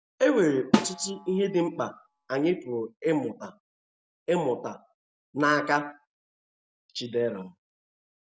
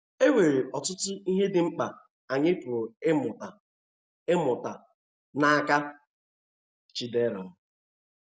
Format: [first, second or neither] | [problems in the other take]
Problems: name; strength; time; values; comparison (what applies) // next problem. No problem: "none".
second | background sound (Snare drum); 3 dB below the speech